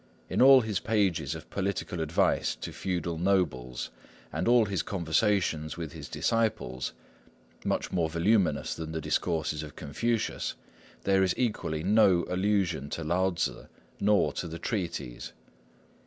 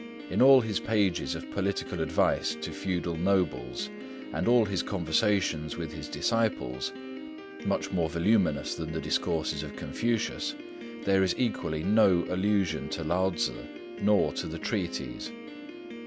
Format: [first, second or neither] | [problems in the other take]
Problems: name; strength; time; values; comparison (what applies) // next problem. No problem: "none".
first | background sound (Piano); 11 dB below the speech